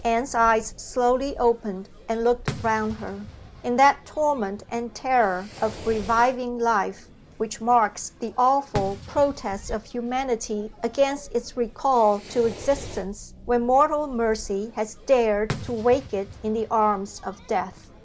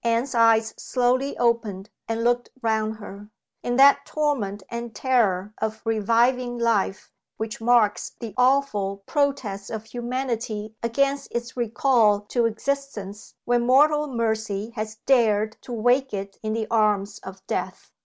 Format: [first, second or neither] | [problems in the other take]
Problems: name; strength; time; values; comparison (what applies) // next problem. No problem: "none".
second | background sound (Fireworks); 15 dB below the speech